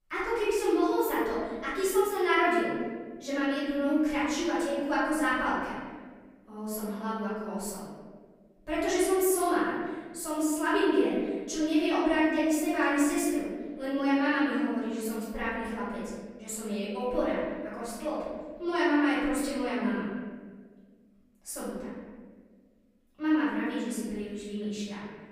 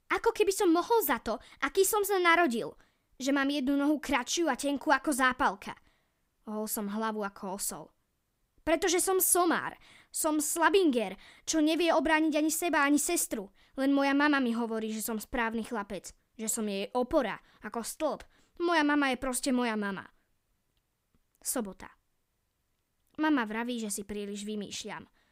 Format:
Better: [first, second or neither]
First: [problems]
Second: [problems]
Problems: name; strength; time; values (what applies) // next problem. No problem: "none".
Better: second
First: room echo; strong; dies away in 1.6 s // off-mic speech; far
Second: none